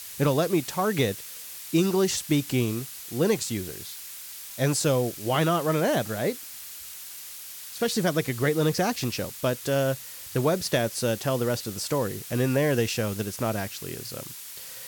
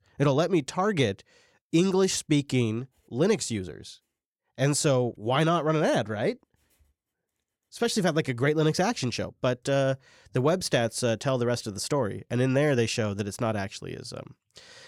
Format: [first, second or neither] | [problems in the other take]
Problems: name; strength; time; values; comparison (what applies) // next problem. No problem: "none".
second | hiss; noticeable; throughout; 10 dB below the speech